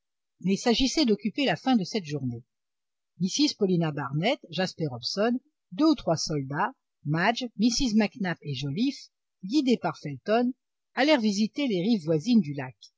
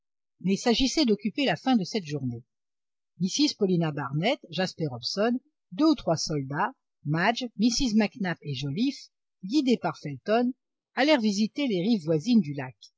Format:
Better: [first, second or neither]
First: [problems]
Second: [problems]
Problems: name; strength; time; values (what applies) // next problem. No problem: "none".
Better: first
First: none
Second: noise reduction (neural mask model Resemble Enhance denoiser)